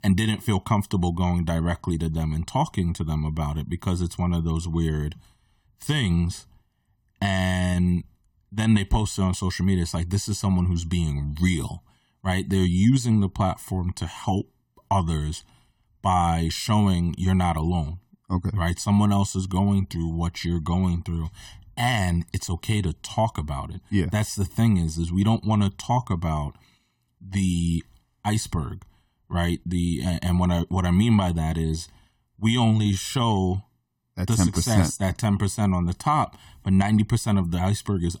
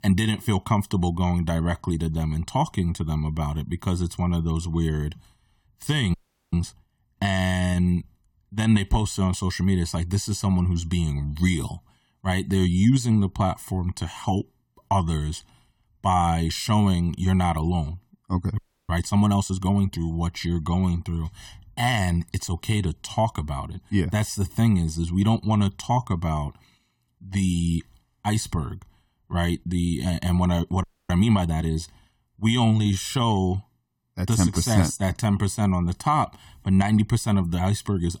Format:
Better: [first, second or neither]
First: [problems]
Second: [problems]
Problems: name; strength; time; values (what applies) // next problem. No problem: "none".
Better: first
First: none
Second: audio freezing; at 6 s, at 19 s and at 31 s